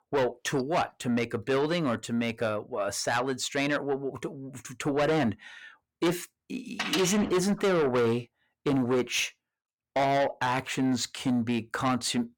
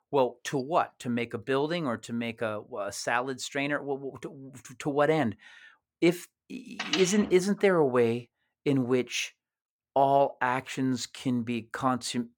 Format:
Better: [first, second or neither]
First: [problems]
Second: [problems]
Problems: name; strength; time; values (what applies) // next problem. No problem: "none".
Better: second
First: distortion; heavy; 7 dB below the speech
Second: none